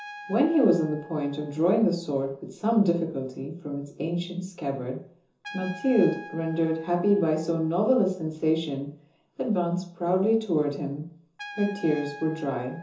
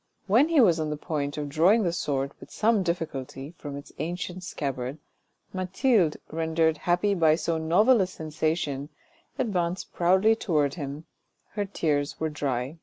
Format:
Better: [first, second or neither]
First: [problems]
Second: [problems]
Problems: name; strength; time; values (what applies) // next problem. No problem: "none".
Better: second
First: background sound (Trumpet); 20 dB below the speech // room echo; dies away in 0.6 s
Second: none